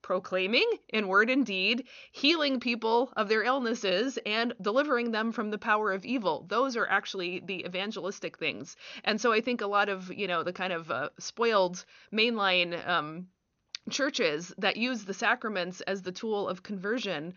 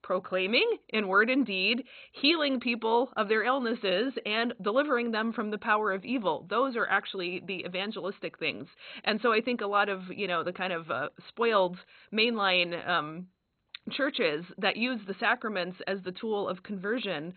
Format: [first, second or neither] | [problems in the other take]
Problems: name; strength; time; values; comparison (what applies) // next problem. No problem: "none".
first | garbled, watery; badly; nothing above 4 kHz; slightly in the first